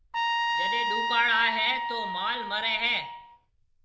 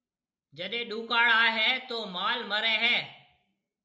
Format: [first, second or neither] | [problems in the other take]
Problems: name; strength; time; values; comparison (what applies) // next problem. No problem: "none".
second | noise reduction (neural diffusion model UNIVERSE++)